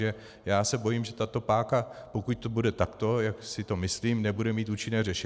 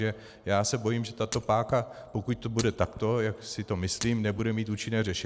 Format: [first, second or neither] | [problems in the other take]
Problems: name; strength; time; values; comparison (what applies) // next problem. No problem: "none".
first | background sound (Shatter); 15 dB below the speech